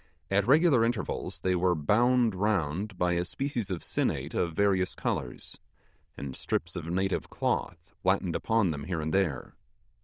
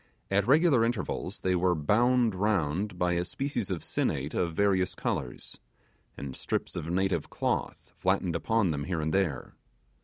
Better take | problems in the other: second | noise reduction (neural diffusion model UNIVERSE++)

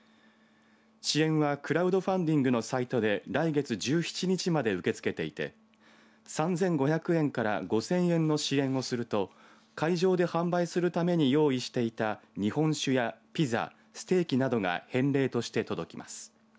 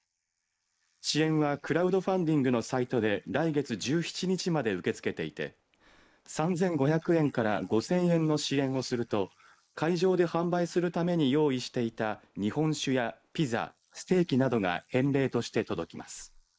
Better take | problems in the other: first | noise reduction (neural mask model Resemble Enhance denoiser)

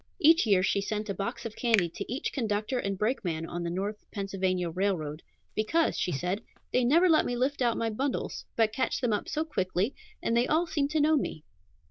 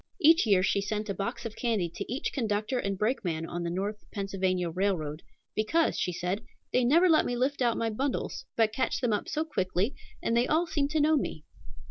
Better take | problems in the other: second | noise reduction (neural diffusion model UNIVERSE++)

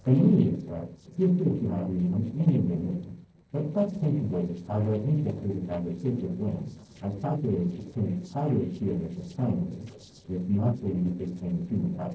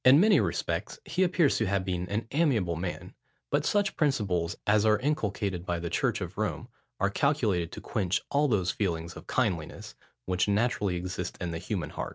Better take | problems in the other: second | noise reduction (neural separator model SepFormer DNS4)

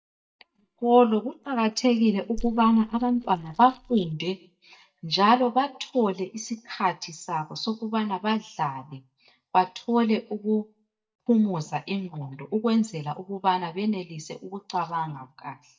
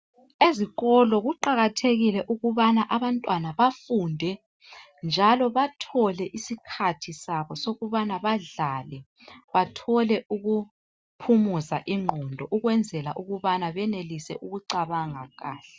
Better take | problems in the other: second | noise reduction (neural mask model DeepFilterNet 3)

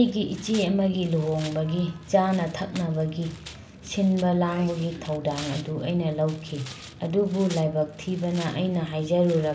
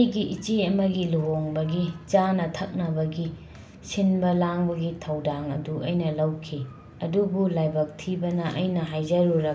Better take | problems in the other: second | background sound (Sneeze + Tearing); 20 dB below the speech

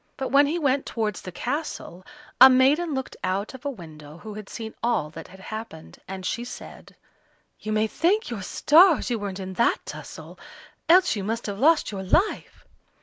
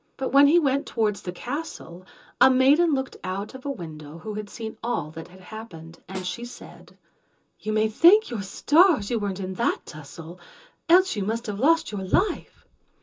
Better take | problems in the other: first | background sound (Snare drum); 19 dB below the speech // room echo; dies away in 0.2 s

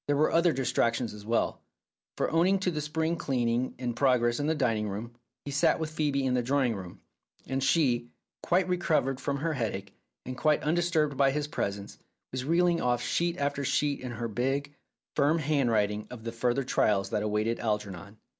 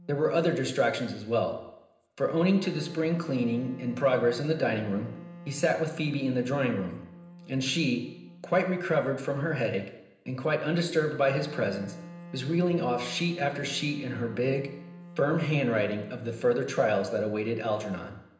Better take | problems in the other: first | background sound (Wind instrument, woodwind instrument); 18 dB below the speech // room echo; dies away in 0.9 s

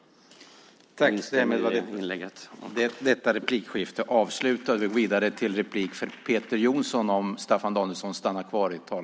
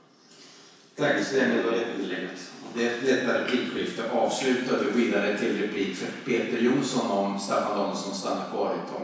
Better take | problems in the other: first | room echo; dies away in 1.1 s

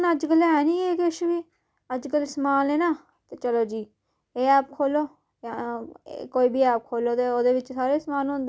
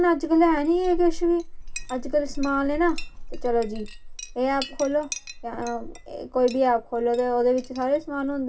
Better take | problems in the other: first | background sound (Chink, clink); 9 dB below the speech // room echo; dies away in 0.4 s

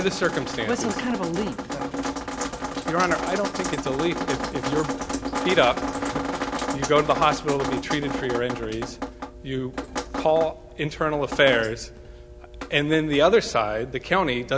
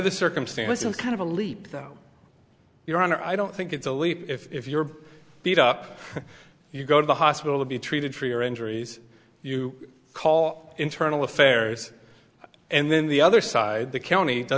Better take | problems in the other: second | background sound (Drip); 5 dB below the speech

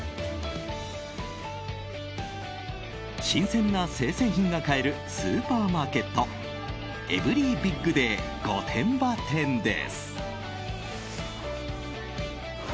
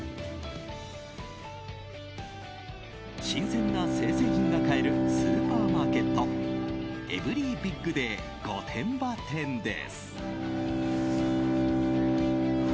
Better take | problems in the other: first | background sound (Bowed string instrument); 4 dB above the speech

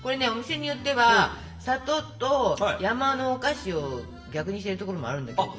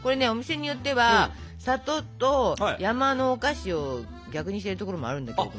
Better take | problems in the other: second | room echo; dies away in 1 s

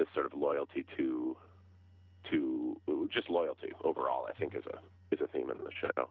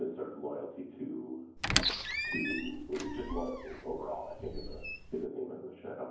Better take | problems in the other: first | background sound (Squeak); 3 dB above the speech // room echo; dies away in 0.9 s

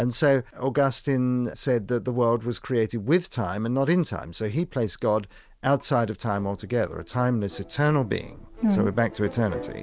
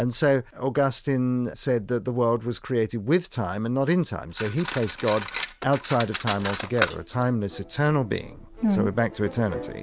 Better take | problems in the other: first | background sound (Cutlery, silverware); 9 dB below the speech

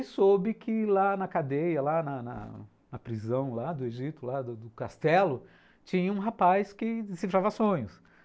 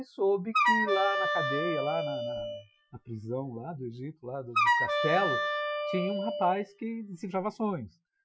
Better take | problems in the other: first | noise reduction (classical method Wiener filter)

